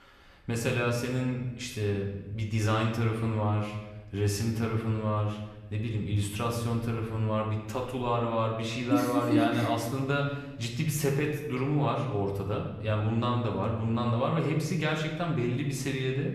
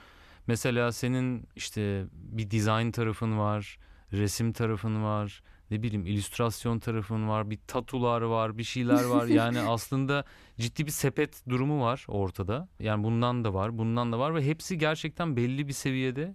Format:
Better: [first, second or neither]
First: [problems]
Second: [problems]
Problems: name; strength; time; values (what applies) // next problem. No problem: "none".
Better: second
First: room echo; noticeable; dies away in 1 s // off-mic speech; far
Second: none